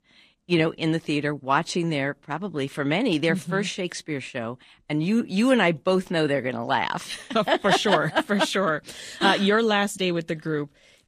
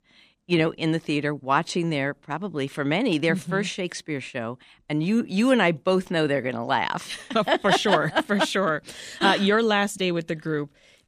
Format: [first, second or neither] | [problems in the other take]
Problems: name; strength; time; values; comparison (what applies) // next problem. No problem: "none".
second | garbled, watery; slightly; nothing above 14.5 kHz